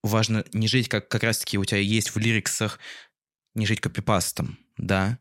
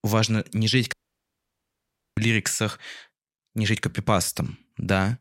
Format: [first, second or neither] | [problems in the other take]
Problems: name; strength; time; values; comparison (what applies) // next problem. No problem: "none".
first | audio cutting out; at 1 s for 1 s